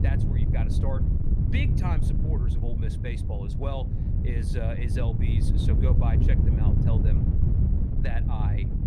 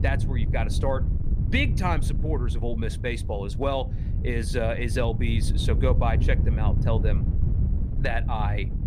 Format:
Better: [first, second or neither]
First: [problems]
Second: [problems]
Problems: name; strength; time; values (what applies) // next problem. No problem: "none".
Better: second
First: wind noise on the microphone; heavy; as loud as the speech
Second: wind noise on the microphone; occasional gusts; 10 dB below the speech